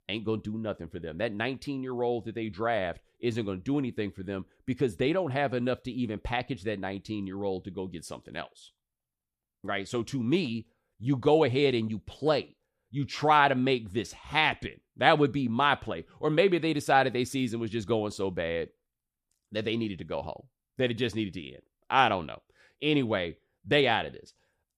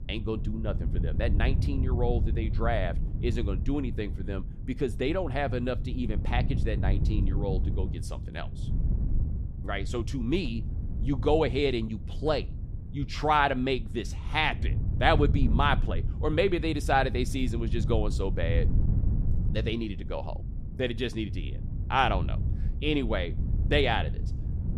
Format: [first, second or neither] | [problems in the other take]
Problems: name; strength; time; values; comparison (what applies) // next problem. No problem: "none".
first | wind noise on the microphone; occasional gusts; 15 dB below the speech